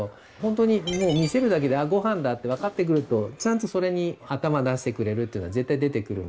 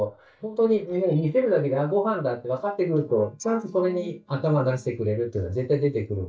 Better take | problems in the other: first | noise reduction (neural mask model DeepFilterNet 3)

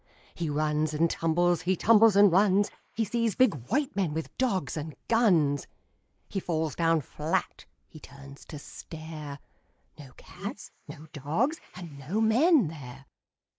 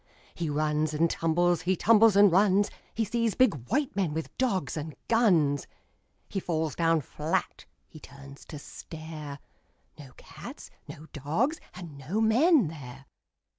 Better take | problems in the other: second | noise reduction (neural mask model Resemble Enhance denoiser)

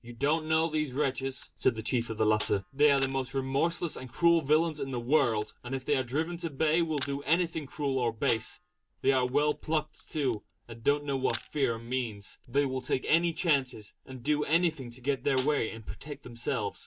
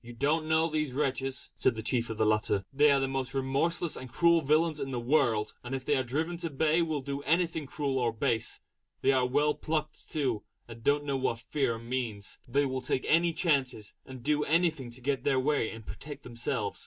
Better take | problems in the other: second | background sound (Snare drum + Camera); 19 dB below the speech

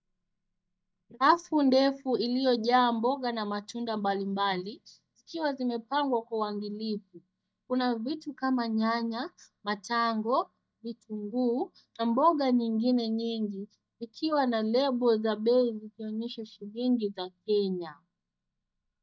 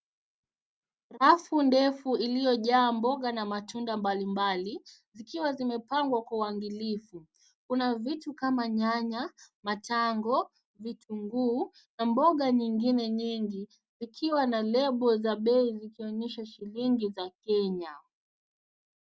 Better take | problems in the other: second | noise reduction (neural mask model DeepFilterNet 3)

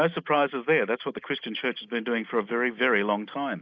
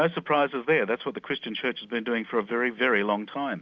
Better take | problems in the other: second | noise reduction (neural mask model Resemble Enhance denoiser)

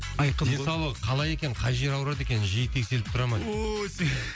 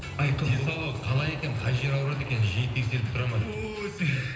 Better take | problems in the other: first | background sound (Waves, surf); 17 dB below the speech // room echo; dies away in 0.9 s

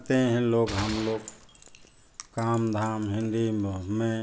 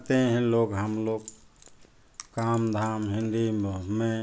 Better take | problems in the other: second | background sound (Gunshot, gunfire); 13 dB below the speech

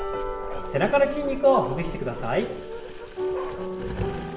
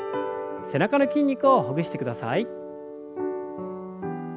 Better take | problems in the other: second | background sound (Bark); 9 dB below the speech // room echo; dies away in 0.8 s

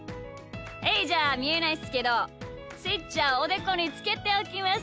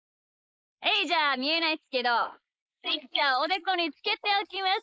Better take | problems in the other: first | noise reduction (neural mask model Resemble Enhance denoiser)

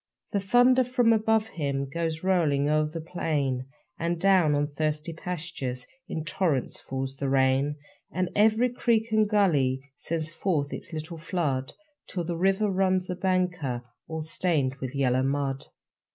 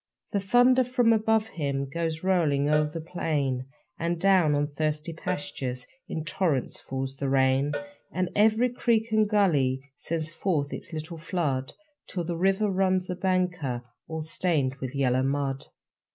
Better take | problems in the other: first | background sound (Cowbell); 16 dB below the speech

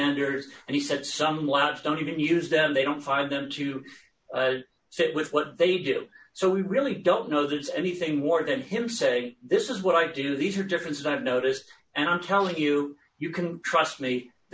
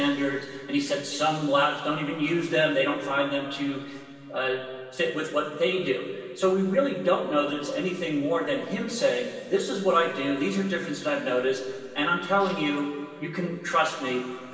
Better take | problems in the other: first | room echo; dies away in 2.6 s

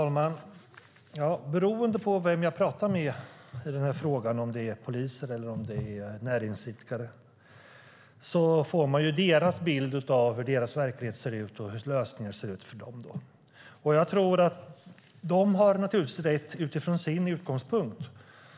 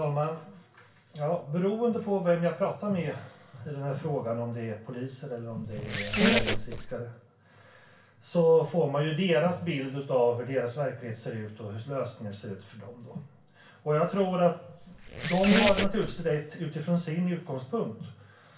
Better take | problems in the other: first | background sound (Squeak); 1 dB above the speech // room echo; dies away in 0.3 s

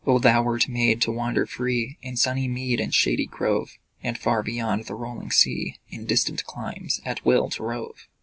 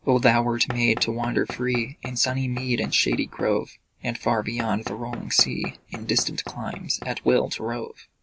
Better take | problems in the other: first | background sound (Knock / Wood); 14 dB below the speech

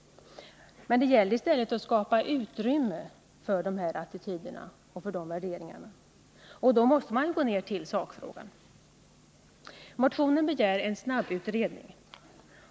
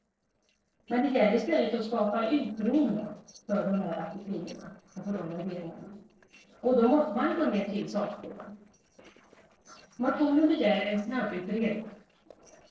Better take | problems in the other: first | noise reduction (neural separator model SepFormer DNS4)

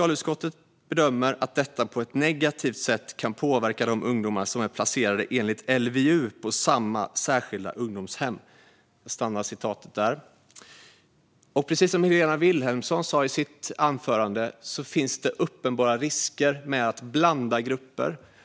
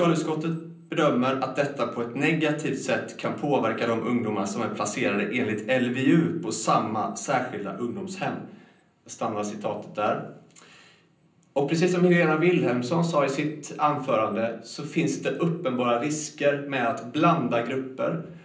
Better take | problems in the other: first | room echo; dies away in 0.6 s

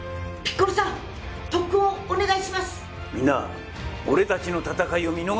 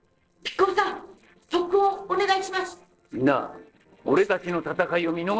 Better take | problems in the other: first | noise reduction (neural separator model SepFormer DNS4)

